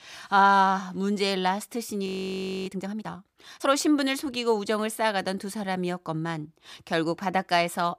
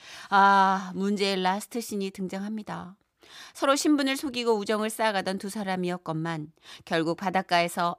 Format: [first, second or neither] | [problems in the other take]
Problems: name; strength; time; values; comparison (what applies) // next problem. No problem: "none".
second | audio freezing; at 2 s for 0.5 s